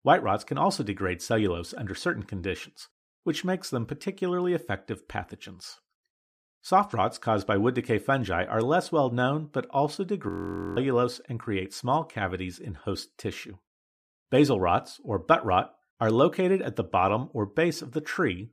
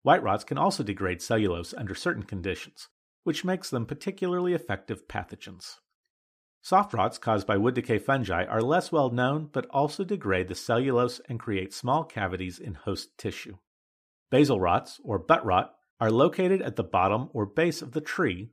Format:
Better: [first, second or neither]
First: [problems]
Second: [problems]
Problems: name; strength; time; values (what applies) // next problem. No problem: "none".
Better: second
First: audio freezing; at 10 s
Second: none